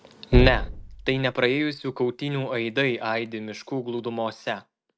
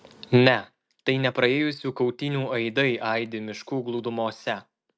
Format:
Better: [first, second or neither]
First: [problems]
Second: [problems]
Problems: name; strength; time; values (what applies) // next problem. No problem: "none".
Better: second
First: background sound (Knock); 4 dB below the speech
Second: none